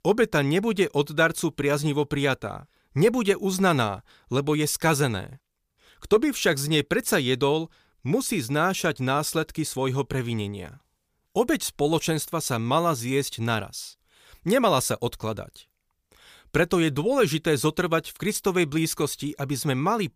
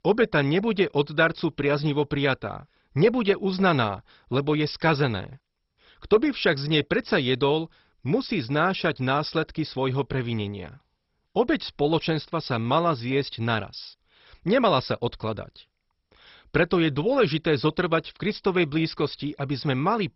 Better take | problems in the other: first | garbled, watery; badly; nothing above 5.5 kHz

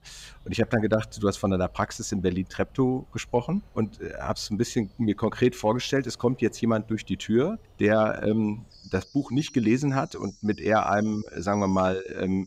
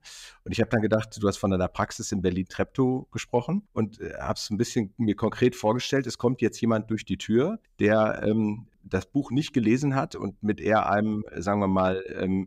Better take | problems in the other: second | animal sounds; faint; throughout; 25 dB below the speech

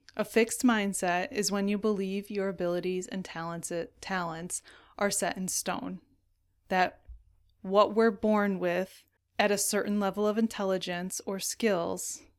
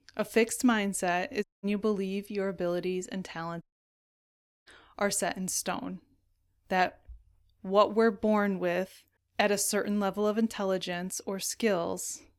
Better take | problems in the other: first | audio cutting out; at 1.5 s and at 3.5 s for 1 s

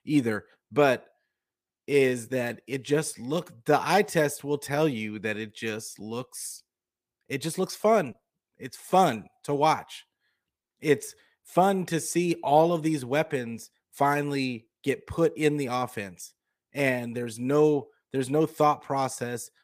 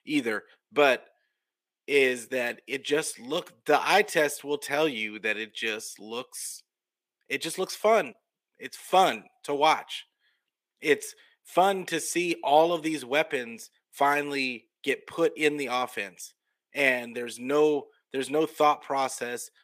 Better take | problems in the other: first | thin; very slightly; fading below 300 Hz

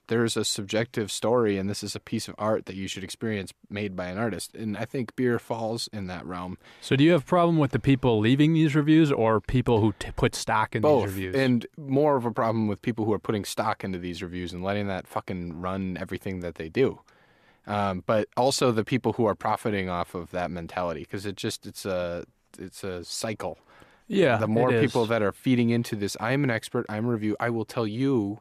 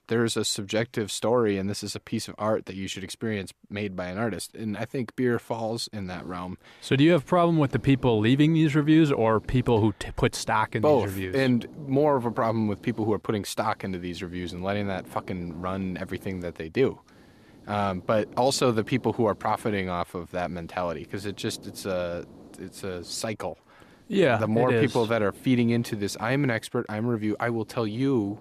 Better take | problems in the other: first | hiss; faint; from 6 s on; 20 dB below the speech

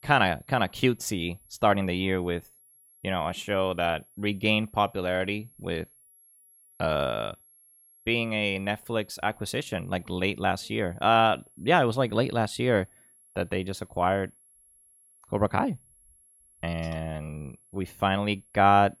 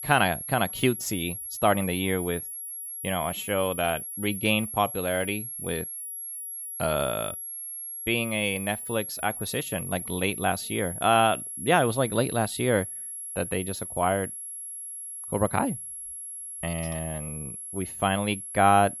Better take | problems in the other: first | high-pitched whine; loud; throughout; 11.5 kHz, 7 dB below the speech; faint in the first

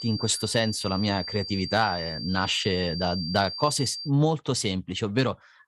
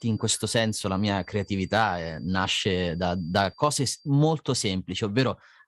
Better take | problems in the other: second | high-pitched whine; loud; until 4 s; 4.5 kHz, 7 dB below the speech; faint in the second

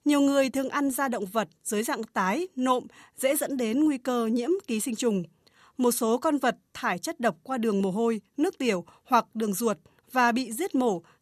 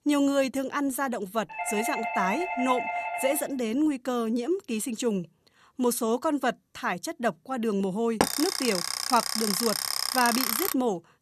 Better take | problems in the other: first | doorbell; noticeable; from 1.5 to 3.5 s; peak 2 dB below the speech // alarm; loud; from 8 to 11 s; peak 2 dB above the speech

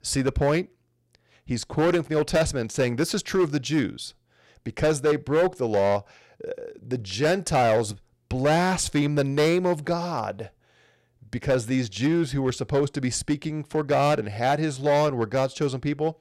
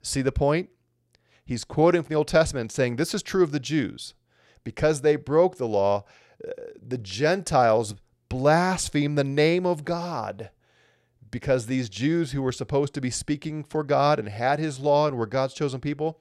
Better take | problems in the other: second | distortion; slight; 7% of the sound clipped

